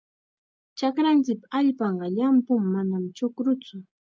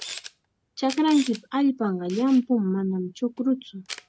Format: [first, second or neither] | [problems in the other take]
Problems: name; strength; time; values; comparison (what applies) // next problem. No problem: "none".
first | background sound (Camera); 18 dB below the speech